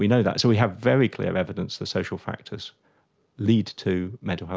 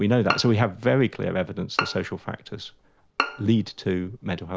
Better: first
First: none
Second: background sound (Bowed string instrument); 9 dB below the speech

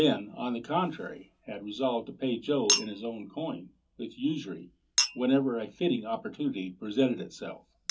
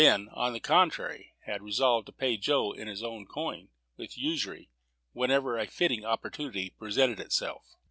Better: second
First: background sound (Chink, clink); 6 dB below the speech // room echo; dies away in 0.3 s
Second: none

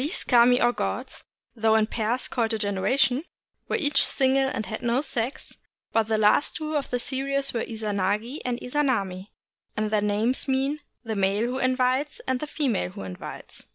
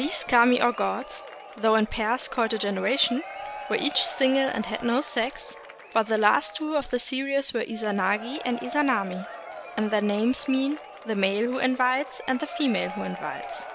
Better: first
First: none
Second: background sound (Applause / Crowd / Cheering); 13 dB below the speech

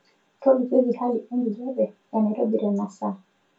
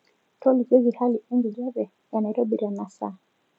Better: second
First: room echo; dies away in 0.2 s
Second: none

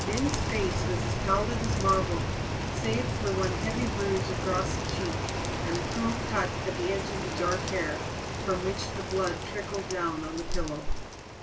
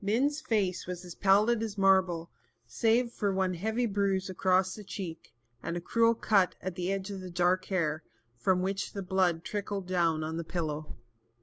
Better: second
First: background sound (Rain); as loud as the speech // room echo; dies away in 0.2 s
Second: none

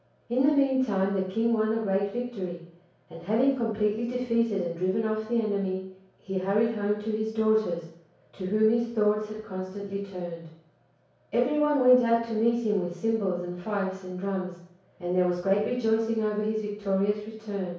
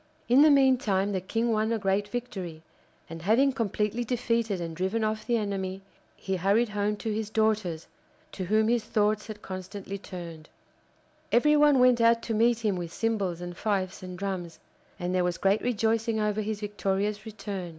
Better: second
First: room echo; dies away in 0.6 s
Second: none

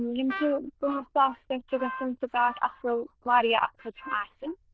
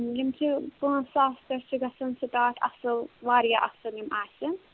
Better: second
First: noise reduction (neural diffusion model UNIVERSE++)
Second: none

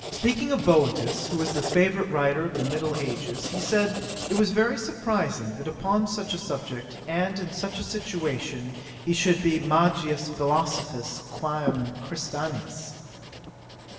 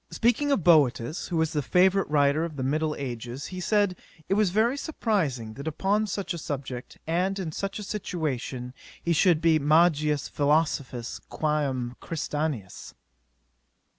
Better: second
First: background sound (Writing); 11 dB below the speech // room echo; dies away in 1.9 s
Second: none

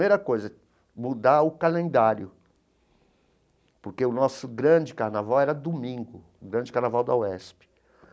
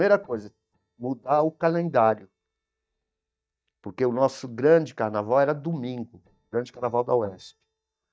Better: first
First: none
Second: noise reduction (neural mask model DeepFilterNet 3)

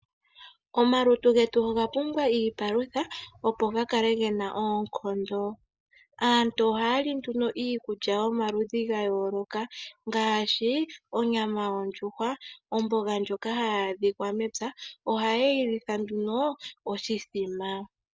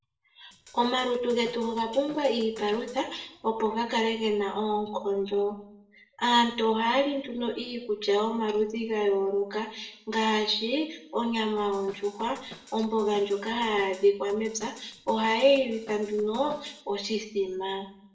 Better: first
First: none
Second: noise reduction (neural separator model SepFormer DNS4)

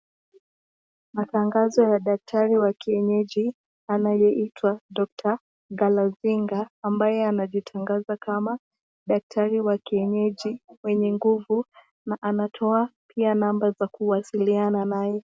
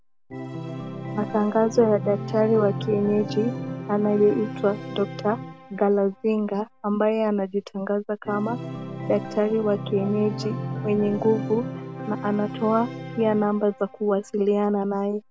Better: first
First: none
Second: background sound (Organ); 10 dB below the speech

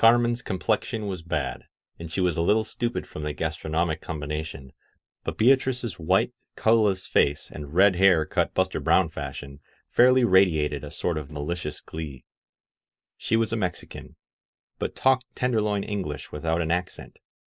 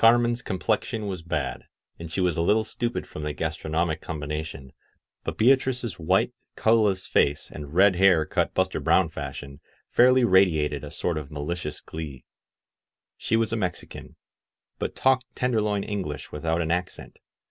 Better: second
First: noise reduction (neural mask model Resemble Enhance denoiser)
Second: none

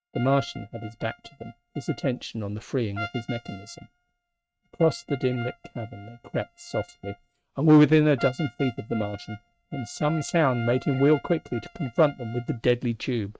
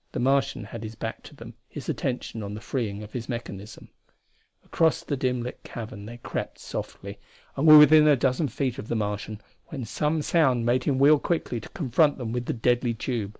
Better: second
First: noise reduction (neural mask model RNNoise)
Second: none

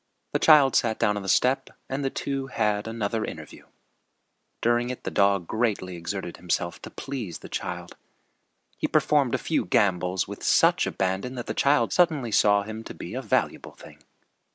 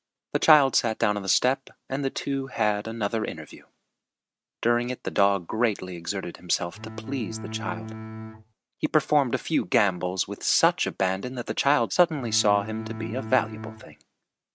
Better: first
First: none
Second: noise reduction (neural mask model RNNoise)

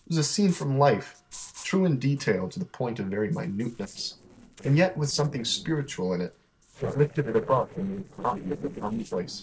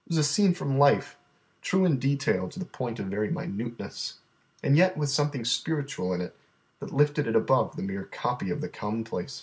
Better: second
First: noise reduction (neural separator model SepFormer DNS4)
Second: none

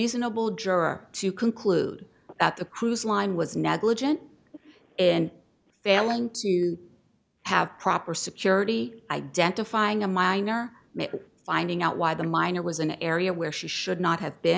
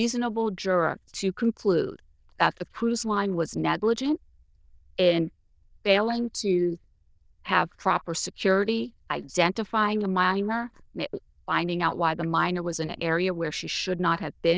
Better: first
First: none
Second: noise reduction (neural diffusion model UNIVERSE++)

